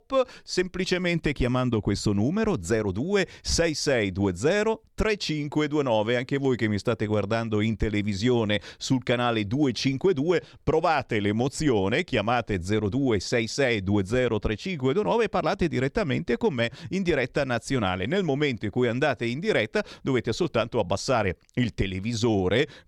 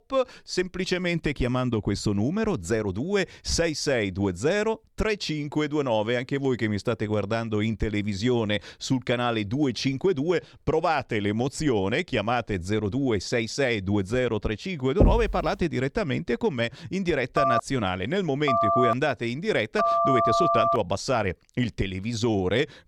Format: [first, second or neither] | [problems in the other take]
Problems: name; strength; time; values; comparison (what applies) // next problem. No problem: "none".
first | door banging; loud; at 15 s; peak 3 dB above the speech // phone ringing; loud; from 17 to 21 s; peak 4 dB above the speech